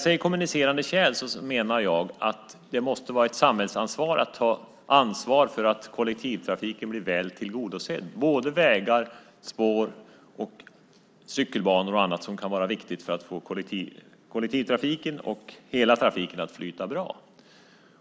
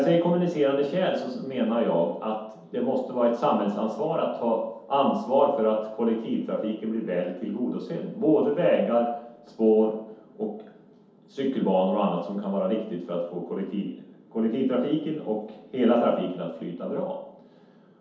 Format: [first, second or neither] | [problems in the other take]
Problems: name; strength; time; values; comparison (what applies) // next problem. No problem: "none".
first | room echo; dies away in 0.8 s